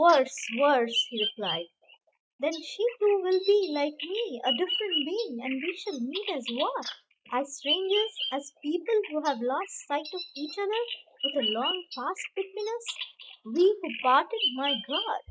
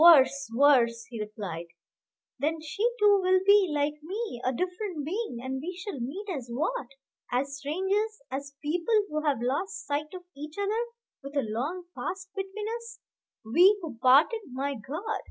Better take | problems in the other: second | noise reduction (neural mask model RNNoise)

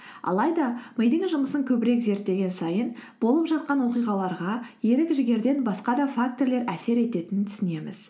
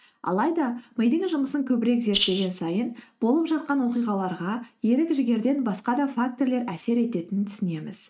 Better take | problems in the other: first | noise reduction (neural mask model RNNoise)

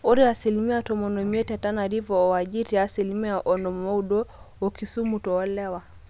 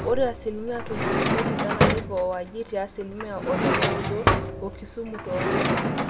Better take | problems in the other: first | background sound (Drawer open or close); 4 dB above the speech // room echo; dies away in 0.5 s

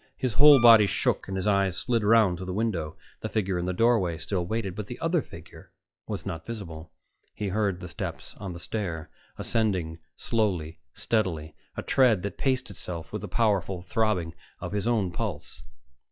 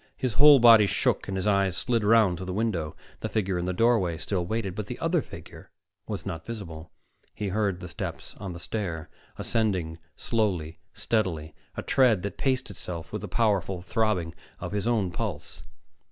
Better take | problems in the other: second | noise reduction (classical method log-MMSE)

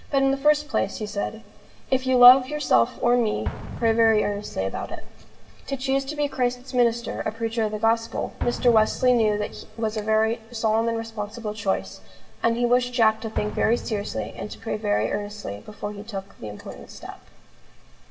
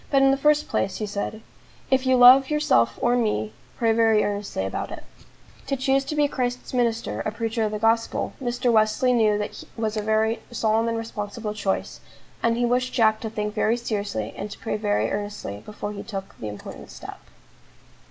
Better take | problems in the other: second | background sound (Explosion); 17 dB below the speech // room echo; dies away in 2.2 s

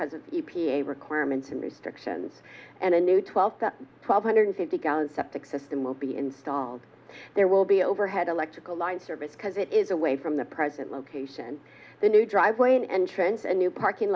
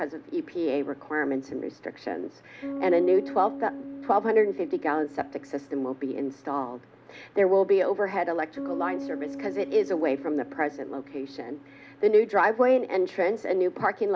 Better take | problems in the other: first | background sound (Bass guitar); 14 dB below the speech

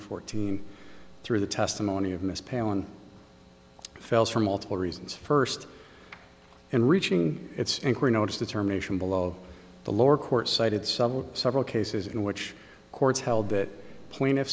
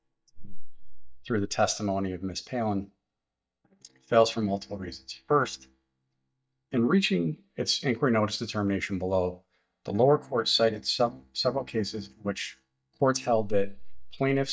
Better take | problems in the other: first | noise reduction (neural mask model DeepFilterNet 3)

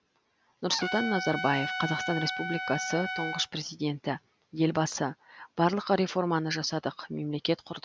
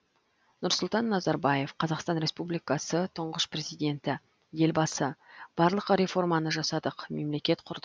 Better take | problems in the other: second | background sound (Trumpet); 4 dB below the speech

